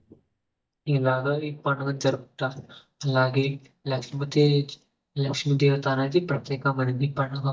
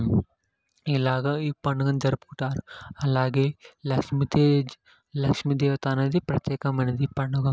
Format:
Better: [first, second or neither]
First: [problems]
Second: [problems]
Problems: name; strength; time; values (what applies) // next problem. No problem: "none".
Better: second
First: noise reduction (neural mask model DeepFilterNet 3)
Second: none